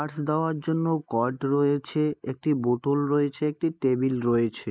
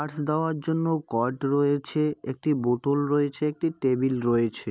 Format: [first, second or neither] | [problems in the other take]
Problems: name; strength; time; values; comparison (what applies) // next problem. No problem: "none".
second | noise reduction (neural mask model Resemble Enhance denoiser)